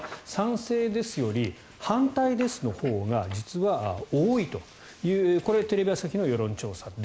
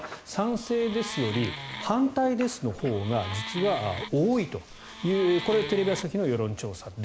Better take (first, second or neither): first